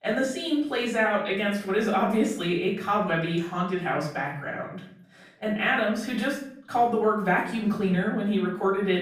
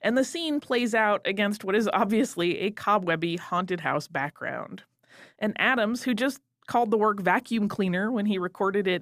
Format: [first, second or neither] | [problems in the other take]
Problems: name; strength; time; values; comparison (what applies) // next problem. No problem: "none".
second | off-mic speech; far // room echo; noticeable; dies away in 0.6 s